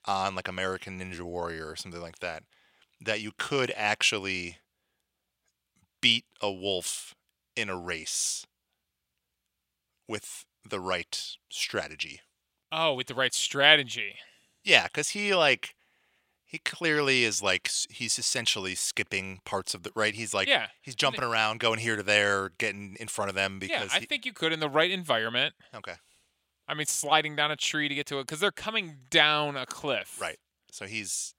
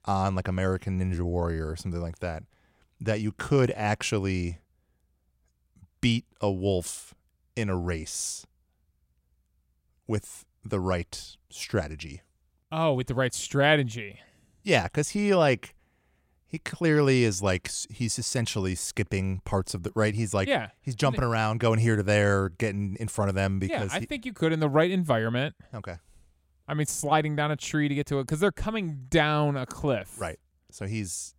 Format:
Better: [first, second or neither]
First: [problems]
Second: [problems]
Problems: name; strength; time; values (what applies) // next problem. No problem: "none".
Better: second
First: thin; somewhat; fading below 750 Hz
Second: none